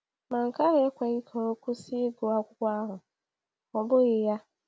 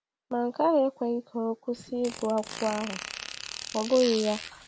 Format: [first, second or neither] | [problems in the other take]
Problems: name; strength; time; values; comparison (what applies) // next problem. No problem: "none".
first | background sound (Fart); 10 dB below the speech